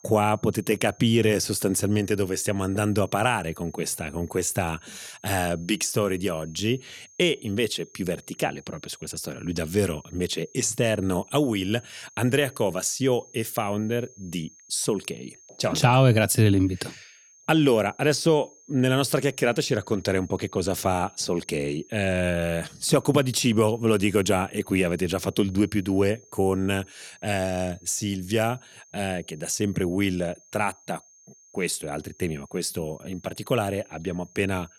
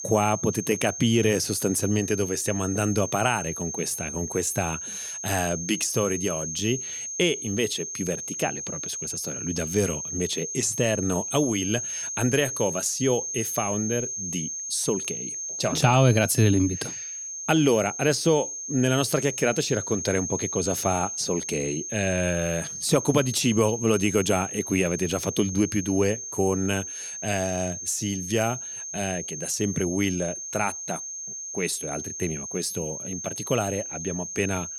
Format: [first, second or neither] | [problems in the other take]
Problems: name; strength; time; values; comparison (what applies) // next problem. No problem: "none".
first | high-pitched whine; loud; throughout; 6.5 kHz, 5 dB below the speech; faint in the first